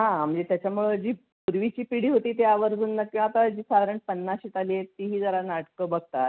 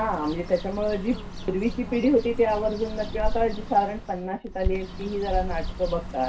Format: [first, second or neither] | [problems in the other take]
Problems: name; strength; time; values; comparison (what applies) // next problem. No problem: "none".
first | background sound (Bird); 6 dB below the speech // room echo; dies away in 0.2 s